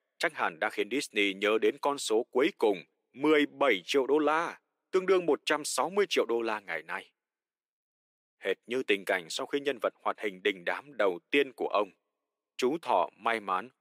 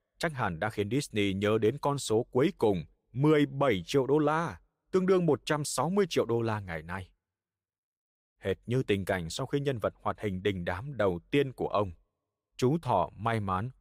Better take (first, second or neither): second